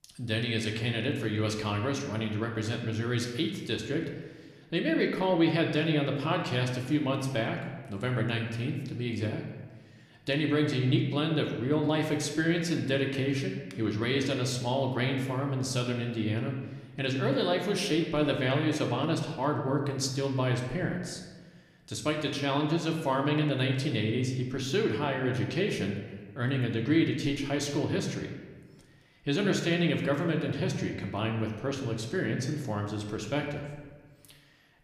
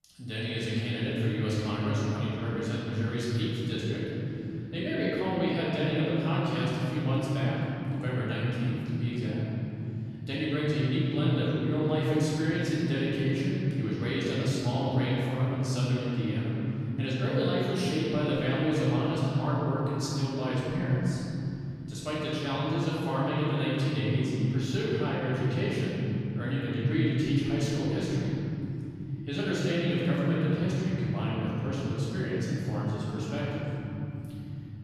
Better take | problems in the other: first | room echo; strong; dies away in 3 s; slight in the first // off-mic speech; far

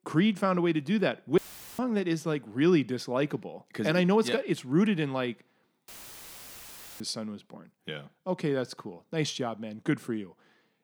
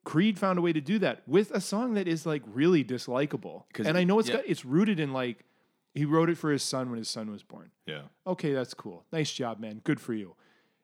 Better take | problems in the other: second | audio cutting out; filled with static; at 1.5 s and at 6 s for 1 s

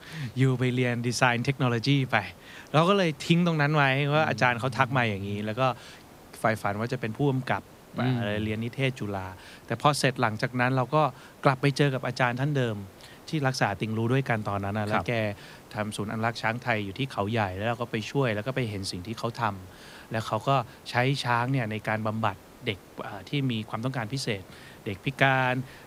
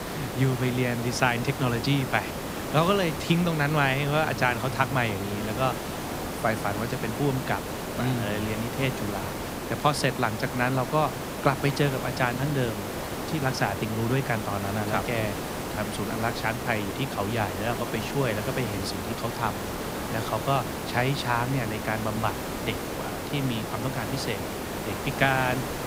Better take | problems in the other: first | hiss; loud; throughout; 5 dB below the speech; faint in the first

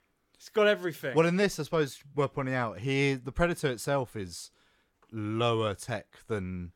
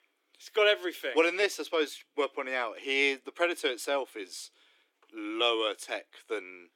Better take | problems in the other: first | thin; somewhat; fading below 300 Hz

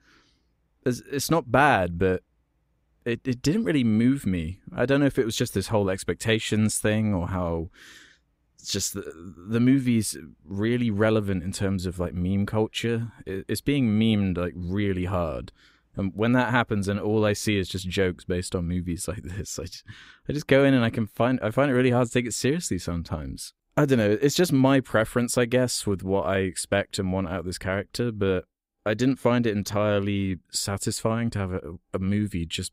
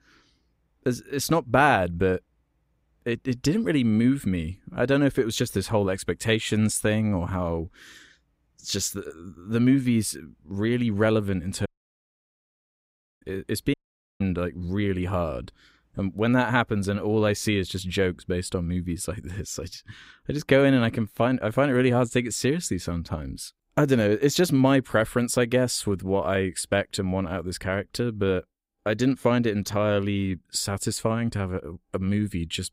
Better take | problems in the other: first | audio cutting out; at 12 s for 1.5 s and at 14 s

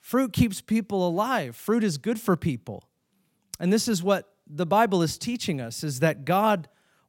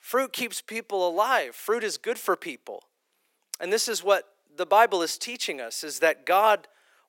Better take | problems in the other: first | thin; very; fading below 400 Hz

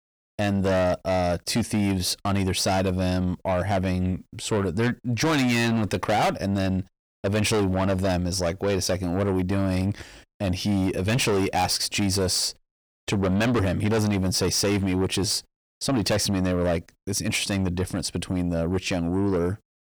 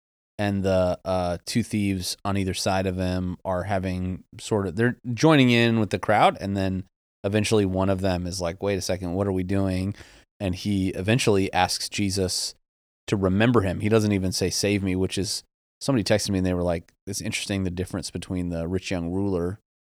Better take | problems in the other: second | distortion; heavy; 6 dB below the speech

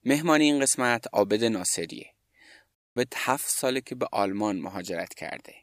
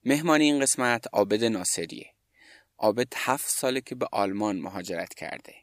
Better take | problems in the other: second | audio cutting out; at 3 s

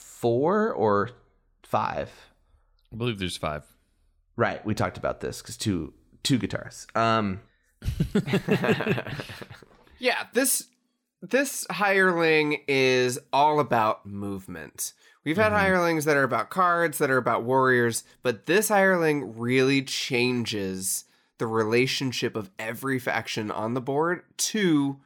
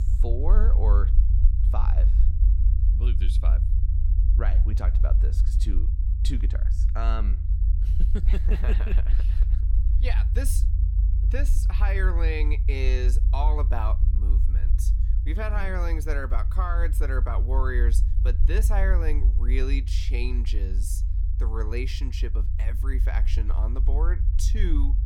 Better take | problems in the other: first | low rumble; loud; throughout; 10 dB below the speech

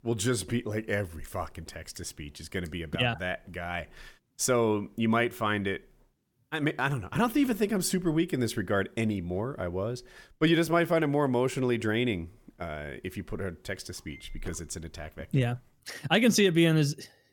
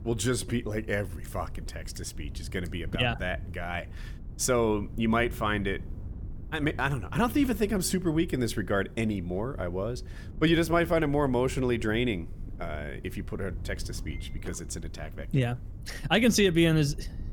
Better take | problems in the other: first | wind noise on the microphone; occasional gusts; 25 dB below the speech

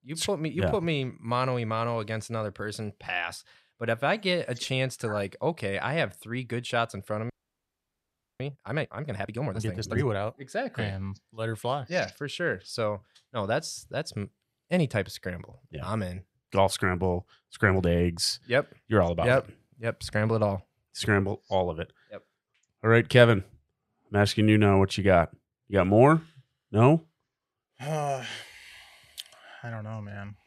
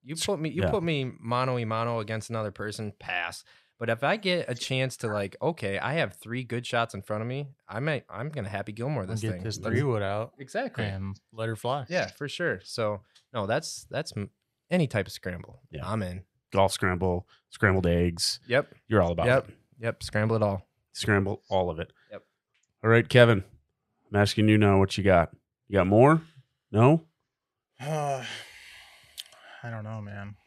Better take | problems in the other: second | audio freezing; at 7.5 s for 1 s

